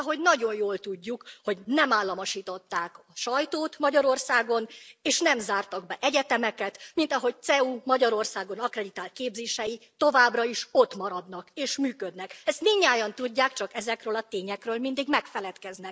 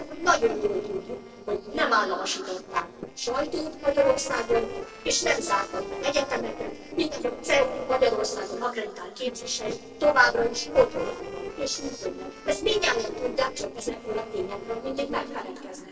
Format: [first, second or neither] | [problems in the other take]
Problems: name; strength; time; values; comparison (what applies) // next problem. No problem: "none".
first | noise reduction (neural separator model SepFormer DNS4)